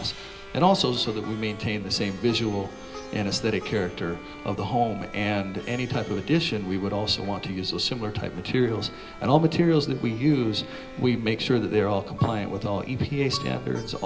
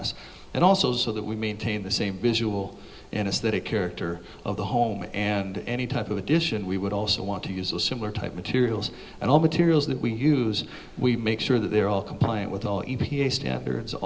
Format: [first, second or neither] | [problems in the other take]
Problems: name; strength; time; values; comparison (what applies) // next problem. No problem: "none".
second | background sound (Plucked string instrument + Bowed string instrument); 17 dB below the speech